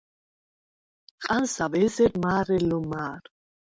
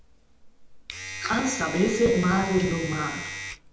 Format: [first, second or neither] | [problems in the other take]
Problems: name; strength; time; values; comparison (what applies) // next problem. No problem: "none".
first | background sound (Domestic sounds, home sounds); 10 dB below the speech // room echo; dies away in 0.8 s